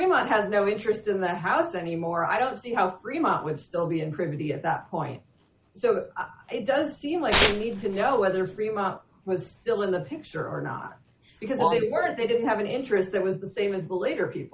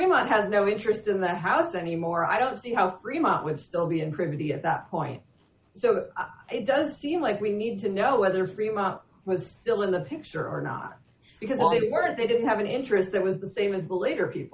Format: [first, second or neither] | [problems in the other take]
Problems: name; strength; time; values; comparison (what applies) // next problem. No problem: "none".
second | background sound (Tearing); 1 dB below the speech